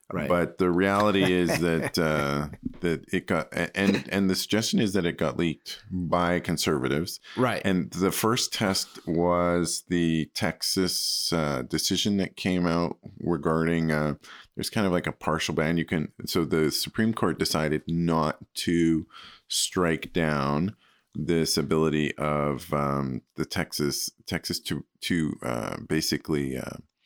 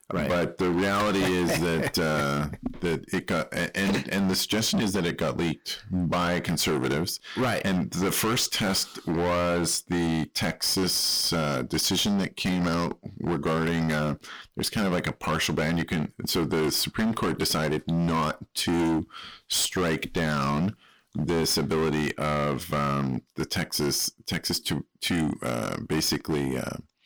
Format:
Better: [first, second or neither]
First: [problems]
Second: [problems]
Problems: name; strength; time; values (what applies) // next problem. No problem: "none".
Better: first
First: none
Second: distortion; heavy; 19% of the sound clipped